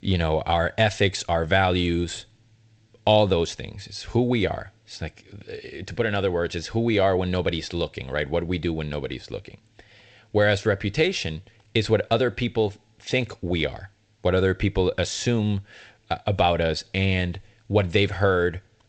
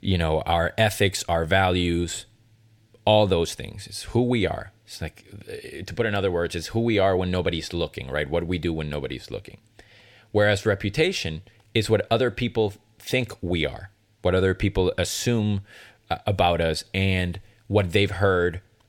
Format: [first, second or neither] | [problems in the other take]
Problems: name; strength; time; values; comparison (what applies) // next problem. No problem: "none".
second | garbled, watery; slightly; nothing above 8 kHz